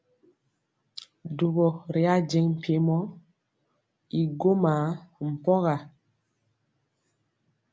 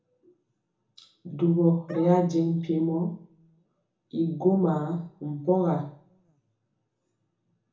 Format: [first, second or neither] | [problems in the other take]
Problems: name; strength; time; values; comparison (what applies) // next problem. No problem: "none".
first | background sound (Bark); 17 dB below the speech // room echo; dies away in 0.6 s